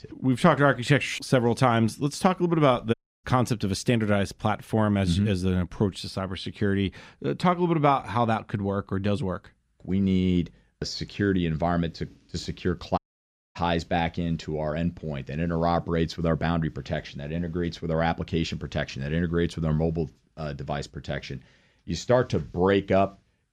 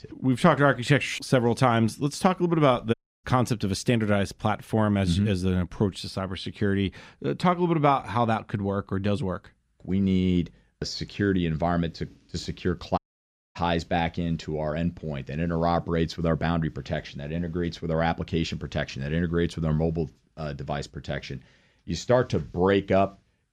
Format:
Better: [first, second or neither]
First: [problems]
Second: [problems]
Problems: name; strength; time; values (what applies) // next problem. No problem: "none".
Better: neither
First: audio cutting out; at 3 s and at 13 s for 0.5 s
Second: audio cutting out; at 3 s and at 13 s for 0.5 s